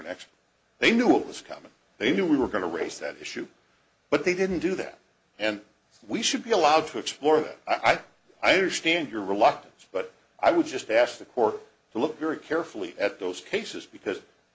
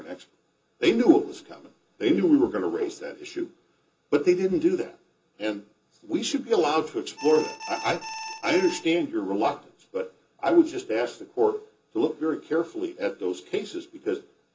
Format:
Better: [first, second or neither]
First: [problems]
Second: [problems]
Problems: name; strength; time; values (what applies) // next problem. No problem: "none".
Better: first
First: none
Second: background sound (Alarm); 10 dB below the speech // room echo; dies away in 0.2 s